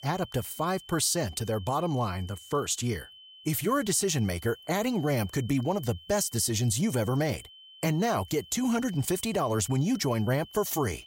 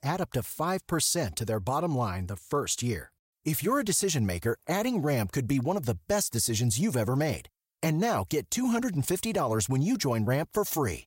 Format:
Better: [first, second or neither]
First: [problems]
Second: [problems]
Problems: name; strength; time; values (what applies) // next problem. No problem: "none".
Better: second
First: high-pitched whine; faint; throughout; 3 kHz, 20 dB below the speech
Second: none